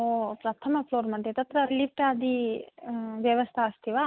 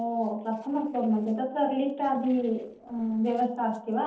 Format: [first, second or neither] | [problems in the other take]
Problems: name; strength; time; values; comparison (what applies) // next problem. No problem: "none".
first | noise reduction (neural separator model SepFormer DNS4)